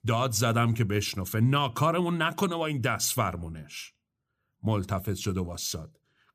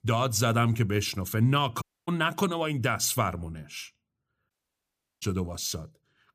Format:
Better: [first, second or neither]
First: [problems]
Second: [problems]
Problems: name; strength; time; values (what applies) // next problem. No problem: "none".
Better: first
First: none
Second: audio cutting out; at 2 s and at 4.5 s for 0.5 s